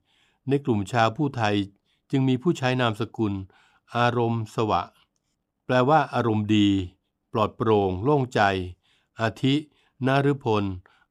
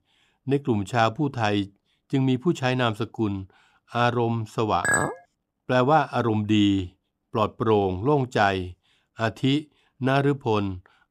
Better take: first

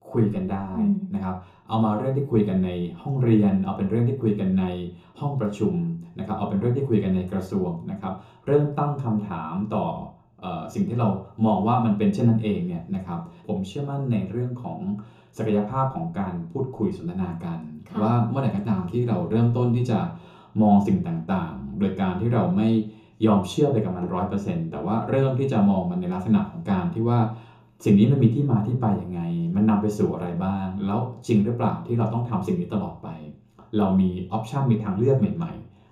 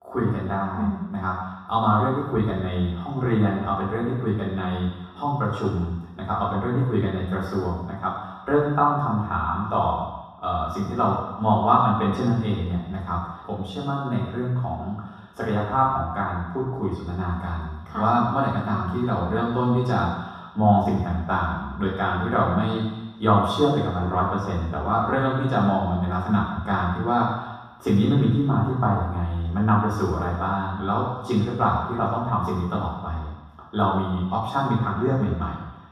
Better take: first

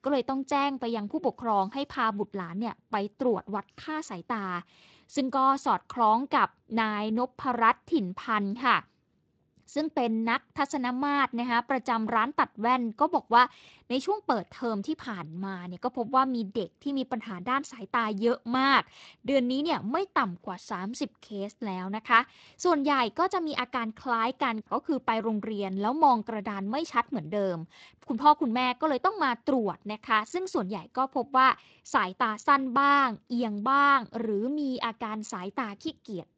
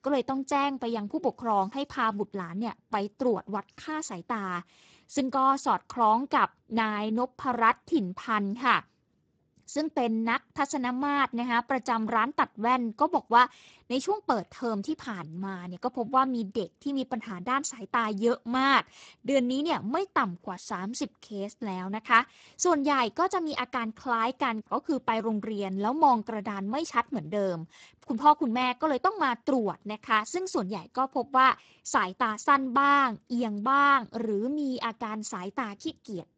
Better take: first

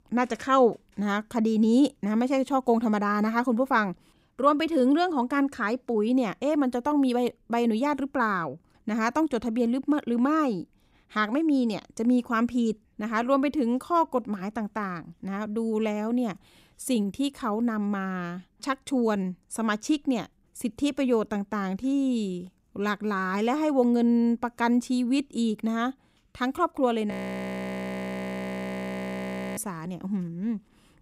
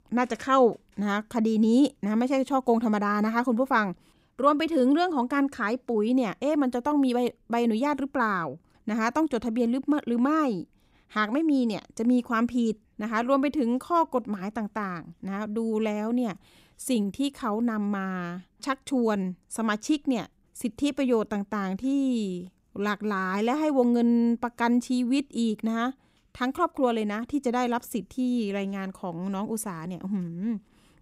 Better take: second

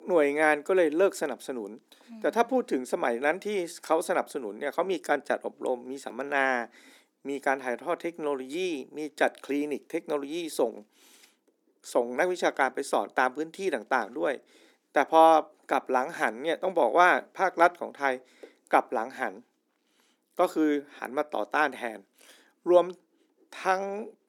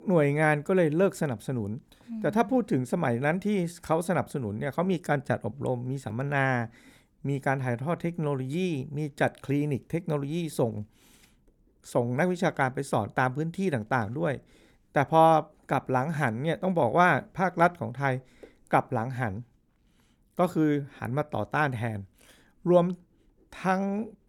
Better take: second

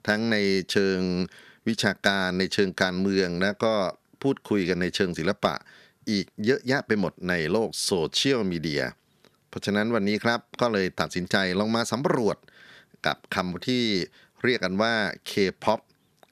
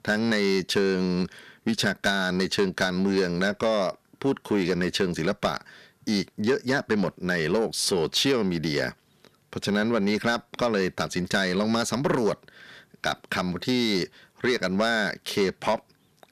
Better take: first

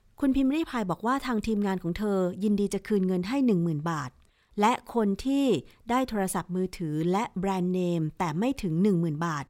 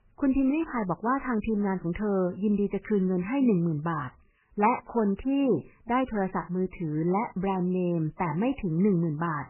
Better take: first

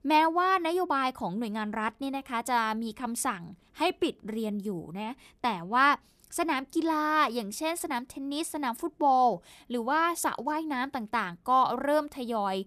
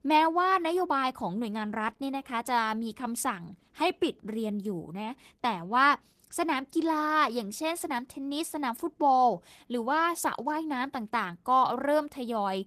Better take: first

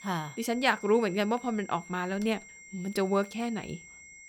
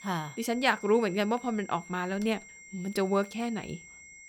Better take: neither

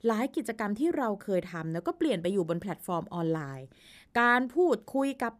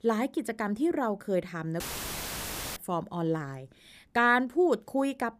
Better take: first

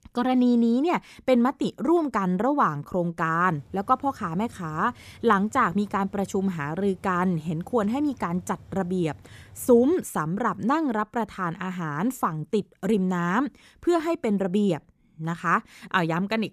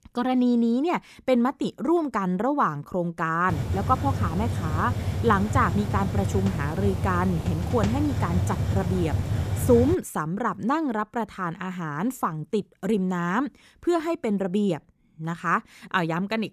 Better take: first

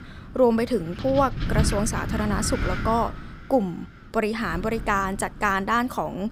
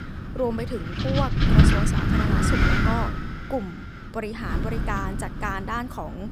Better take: first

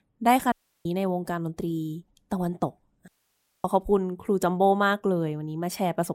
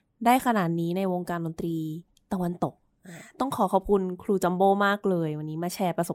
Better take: second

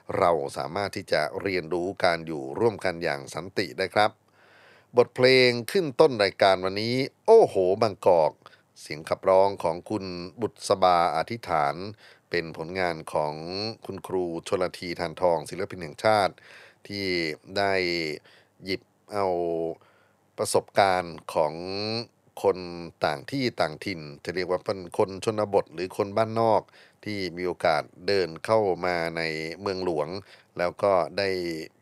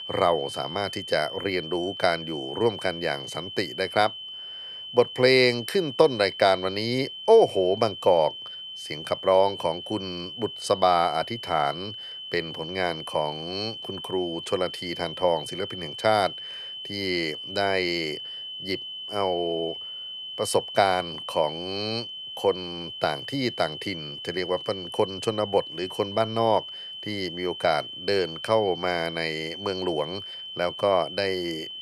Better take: first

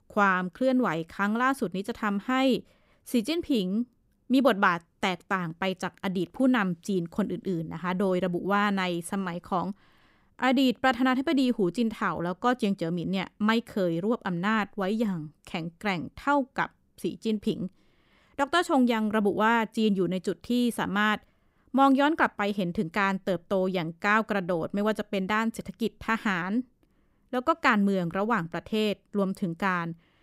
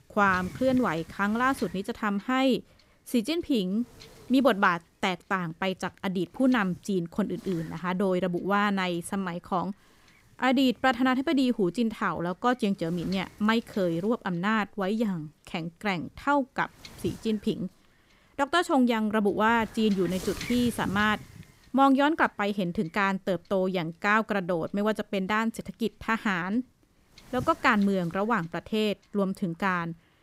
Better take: first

